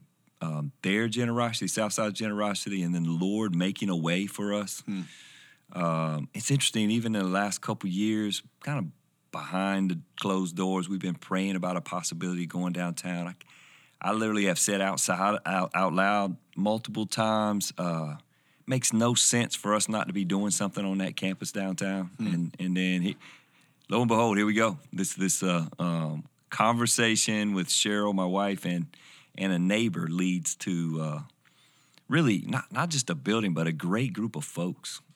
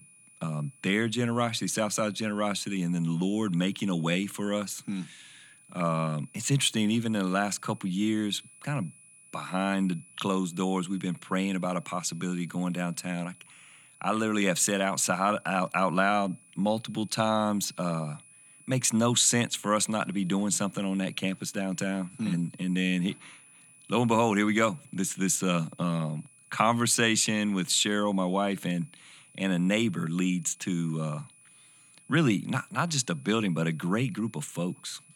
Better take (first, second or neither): first